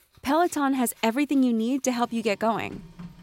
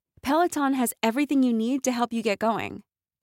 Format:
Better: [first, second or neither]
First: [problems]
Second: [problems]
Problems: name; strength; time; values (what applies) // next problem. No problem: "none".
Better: second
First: household noises; faint; throughout; 25 dB below the speech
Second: none